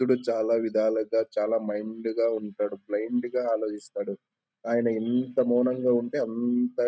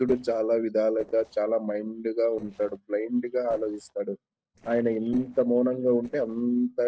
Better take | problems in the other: first | noise reduction (neural separator model SepFormer DNS4)

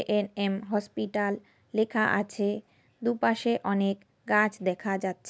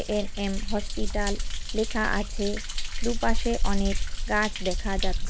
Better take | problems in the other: first | background sound (Thunder); 4 dB above the speech

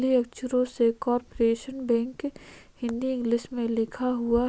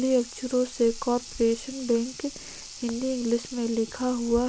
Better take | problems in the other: first | background sound (Sink (filling or washing) / Water tap, faucet); 15 dB below the speech

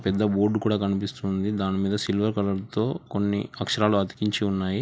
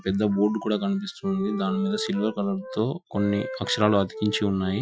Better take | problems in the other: first | noise reduction (classical method Wiener filter)

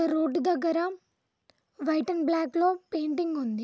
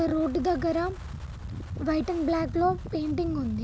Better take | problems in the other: first | background sound (Wind); 8 dB below the speech

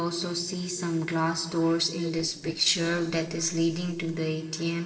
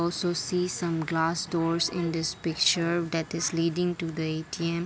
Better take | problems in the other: second | noise reduction (neural separator model SepFormer DNS4)

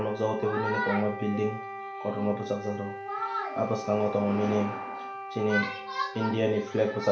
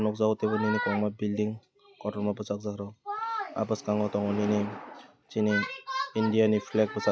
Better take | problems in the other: second | background sound (Wind instrument, woodwind instrument); 11 dB below the speech // room echo; dies away in 0.4 s

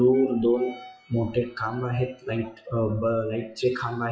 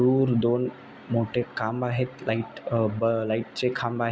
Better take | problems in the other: second | noise reduction (classical method WPE with log-MMSE)

